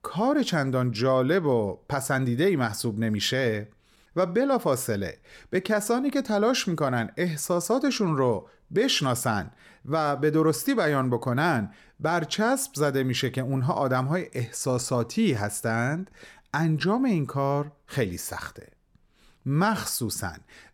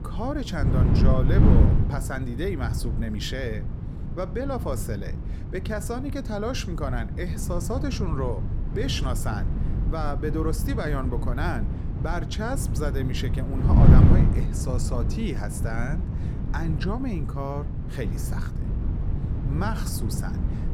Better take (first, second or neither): first